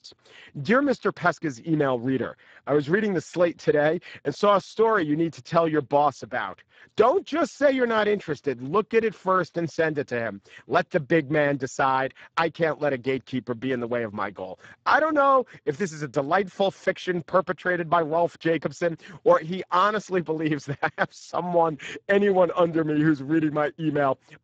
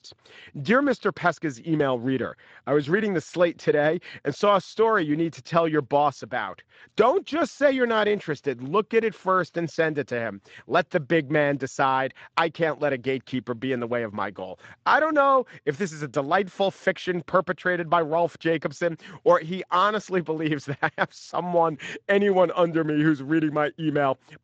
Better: second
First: garbled, watery; badly; nothing above 7.5 kHz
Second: garbled, watery; slightly; nothing above 7.5 kHz

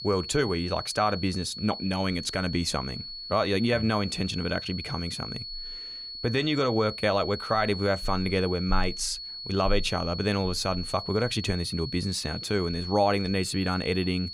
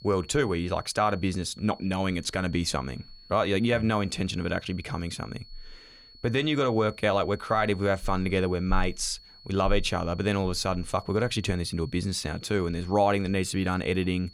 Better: second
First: high-pitched whine; loud; throughout; 4.5 kHz, 8 dB below the speech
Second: high-pitched whine; faint; throughout; 4.5 kHz, 25 dB below the speech

